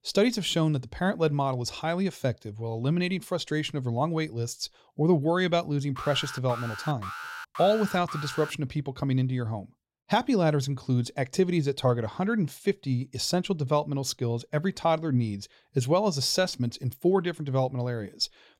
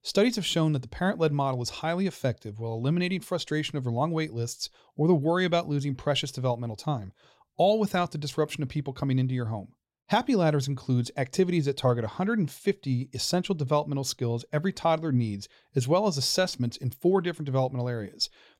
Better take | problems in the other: second | alarm; noticeable; from 6 to 8.5 s; peak 9 dB below the speech

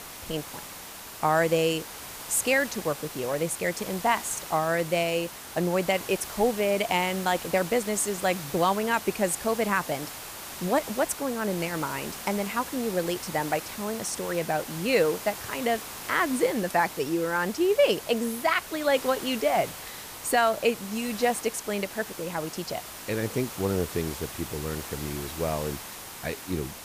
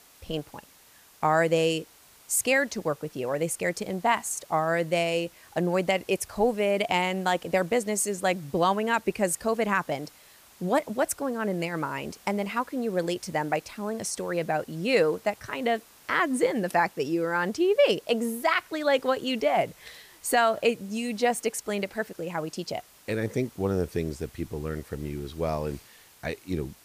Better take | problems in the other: second | hiss; loud; throughout; 10 dB below the speech; faint in the second

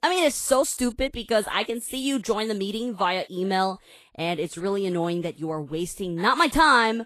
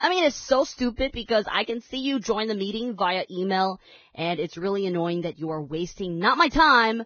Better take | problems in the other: first | garbled, watery; badly; nothing above 6.5 kHz; slightly in the first

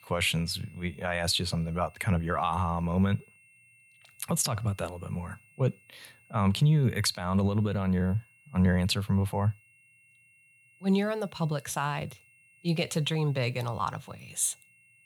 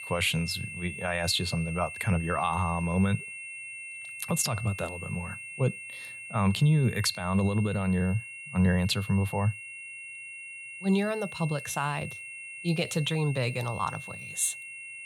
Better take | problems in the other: first | high-pitched whine; loud; throughout; 2.5 kHz, 10 dB below the speech; faint in the first

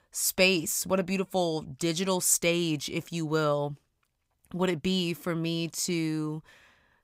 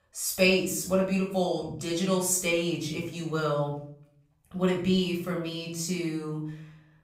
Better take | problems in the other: first | off-mic speech; far // room echo; noticeable; dies away in 0.5 s

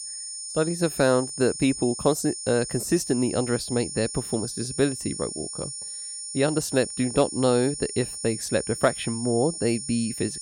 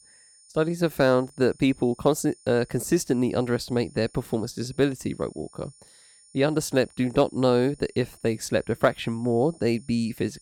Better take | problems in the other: second | high-pitched whine; loud; throughout; 9.5 kHz, 7 dB below the speech; faint in the second

